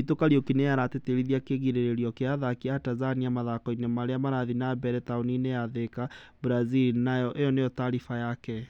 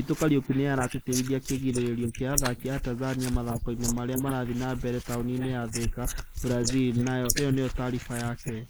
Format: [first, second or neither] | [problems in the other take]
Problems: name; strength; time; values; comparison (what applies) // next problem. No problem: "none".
first | noise reduction (neural mask model Resemble Enhance denoiser)